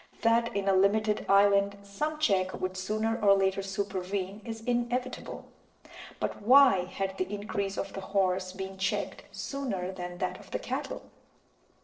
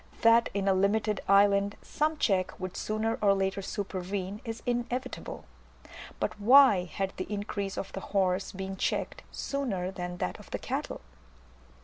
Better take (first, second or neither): second